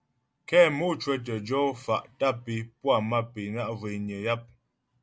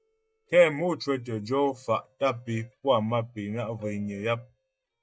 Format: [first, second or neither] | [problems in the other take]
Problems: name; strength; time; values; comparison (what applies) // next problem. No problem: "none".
first | noise reduction (neural mask model DeepFilterNet 3)